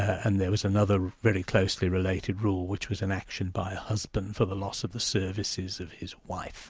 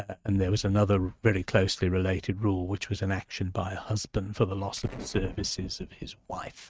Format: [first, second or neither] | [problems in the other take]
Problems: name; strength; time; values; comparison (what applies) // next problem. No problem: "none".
first | noise reduction (neural mask model RNNoise)